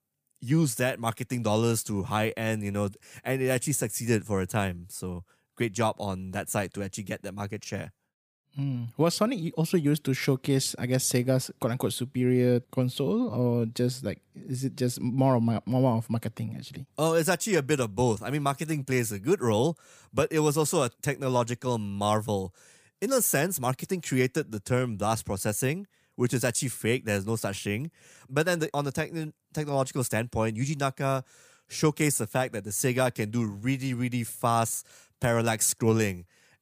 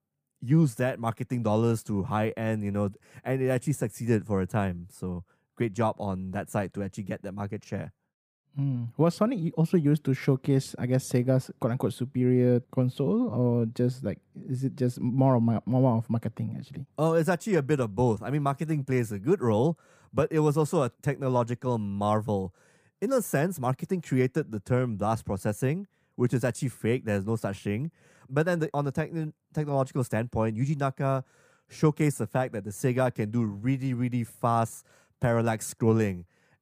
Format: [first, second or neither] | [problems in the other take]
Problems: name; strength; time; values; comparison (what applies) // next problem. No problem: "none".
first | muffled; slightly; fading above 2 kHz